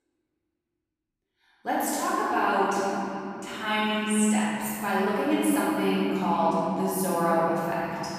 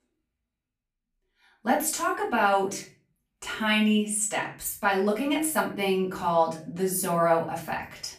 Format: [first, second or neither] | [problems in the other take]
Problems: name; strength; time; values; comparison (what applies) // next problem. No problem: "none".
second | room echo; strong; dies away in 3 s; slight in the second // off-mic speech; far; far in the second